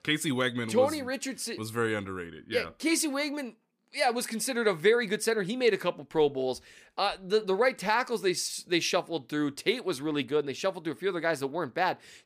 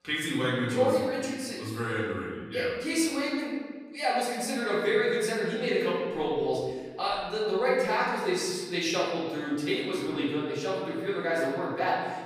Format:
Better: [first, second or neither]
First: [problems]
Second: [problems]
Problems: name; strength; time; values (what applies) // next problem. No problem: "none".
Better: first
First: none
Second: room echo; noticeable; dies away in 1.4 s // off-mic speech; far